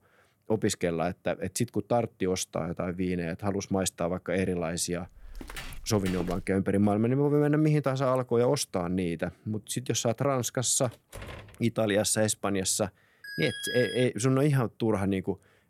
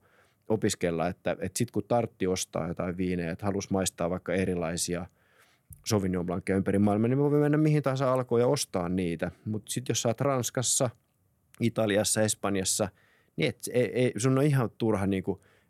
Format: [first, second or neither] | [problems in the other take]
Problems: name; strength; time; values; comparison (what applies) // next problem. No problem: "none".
second | footsteps; faint; from 5 to 6.5 s; peak 10 dB below the speech // door banging; faint; at 11 s; peak 15 dB below the speech // alarm; noticeable; at 13 s; peak 5 dB below the speech